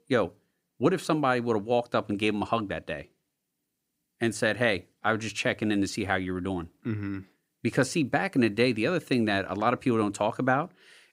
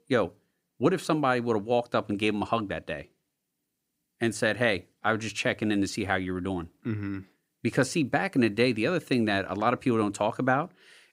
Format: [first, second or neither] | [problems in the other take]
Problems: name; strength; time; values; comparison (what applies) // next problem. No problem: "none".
neither | none